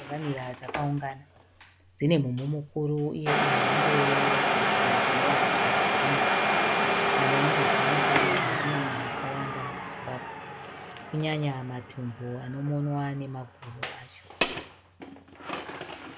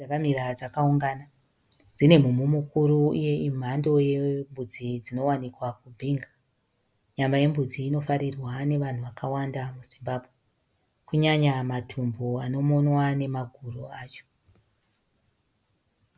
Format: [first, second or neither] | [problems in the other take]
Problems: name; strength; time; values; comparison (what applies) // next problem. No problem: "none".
second | background sound (Domestic sounds, home sounds); 5 dB above the speech